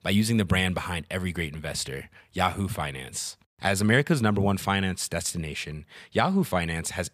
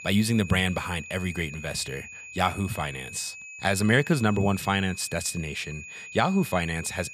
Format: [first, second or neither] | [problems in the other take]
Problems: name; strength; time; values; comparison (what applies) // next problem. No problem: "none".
first | high-pitched whine; noticeable; throughout; 2.5 kHz, 15 dB below the speech